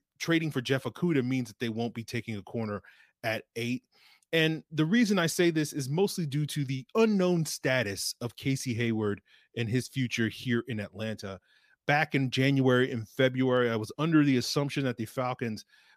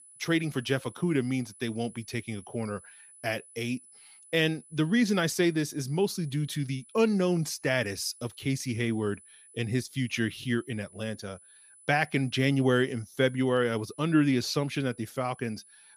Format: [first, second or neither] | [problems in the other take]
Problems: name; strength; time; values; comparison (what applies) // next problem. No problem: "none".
first | high-pitched whine; faint; throughout; 10 kHz, 20 dB below the speech